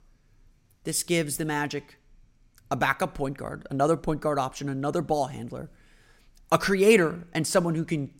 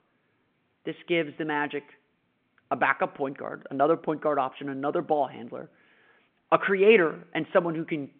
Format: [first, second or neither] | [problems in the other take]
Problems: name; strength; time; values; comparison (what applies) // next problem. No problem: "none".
first | phone-call audio